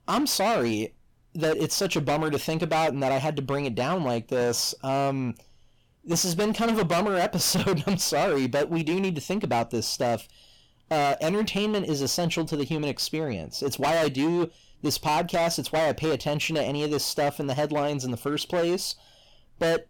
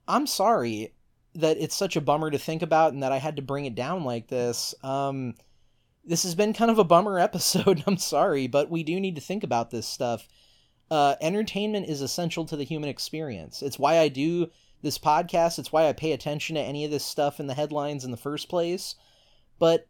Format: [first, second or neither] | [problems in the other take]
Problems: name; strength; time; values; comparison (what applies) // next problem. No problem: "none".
second | distortion; heavy; 20% of the sound clipped